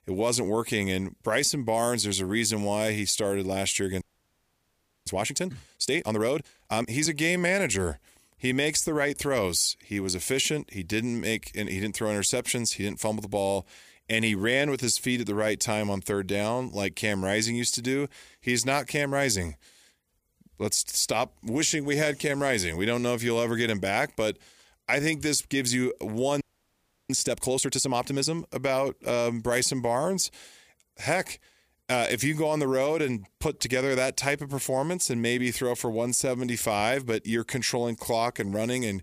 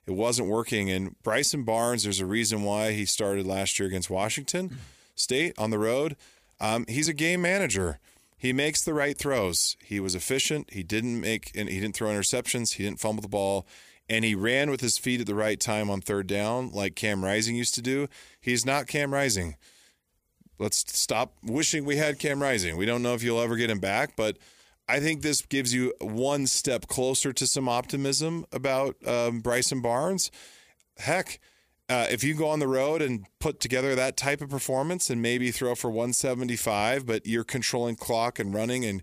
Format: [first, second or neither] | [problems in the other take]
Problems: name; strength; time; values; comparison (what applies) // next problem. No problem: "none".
second | audio freezing; at 4 s for 1 s and at 26 s for 0.5 s